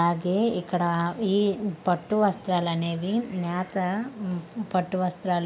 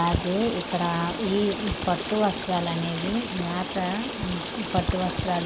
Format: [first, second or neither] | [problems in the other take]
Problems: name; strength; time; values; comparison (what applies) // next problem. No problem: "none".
first | background sound (Stream); 4 dB below the speech